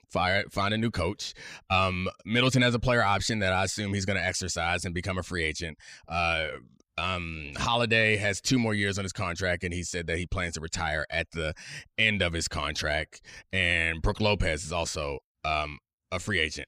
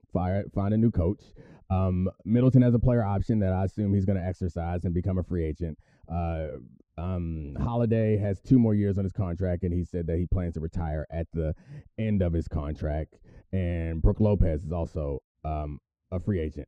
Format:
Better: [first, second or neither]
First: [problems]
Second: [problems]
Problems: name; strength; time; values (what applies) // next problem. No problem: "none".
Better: first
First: none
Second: muffled; very; fading above 1 kHz